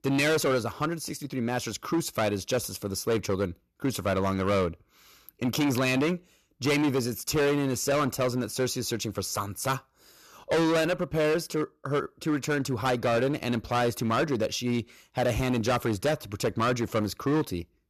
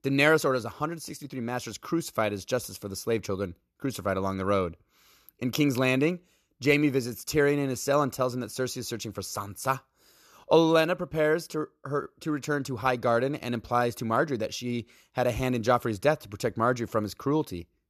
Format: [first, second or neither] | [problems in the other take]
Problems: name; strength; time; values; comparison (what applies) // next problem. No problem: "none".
second | distortion; heavy; 13% of the sound clipped